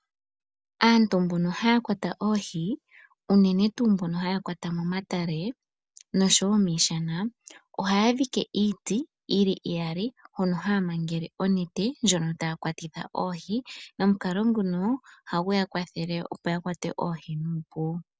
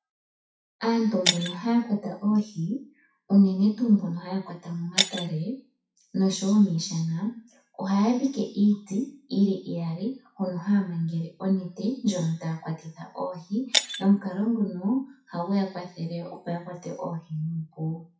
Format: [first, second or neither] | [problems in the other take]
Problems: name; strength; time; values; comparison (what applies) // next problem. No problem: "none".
first | noise reduction (classical method WPE with log-MMSE)